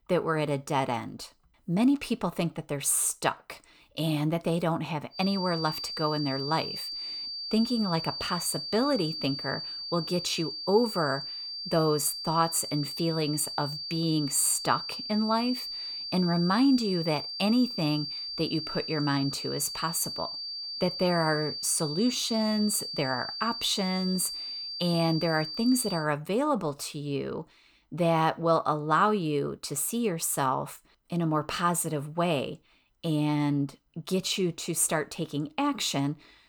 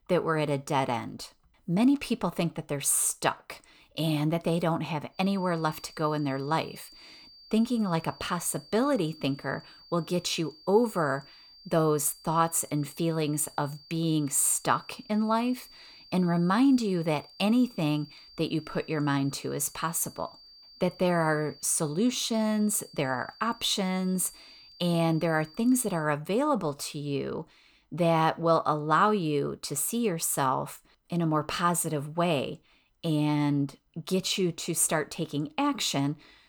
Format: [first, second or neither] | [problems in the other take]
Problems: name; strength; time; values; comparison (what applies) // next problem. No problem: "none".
second | high-pitched whine; loud; from 5 to 26 s; 4.5 kHz, 6 dB below the speech; faint in the second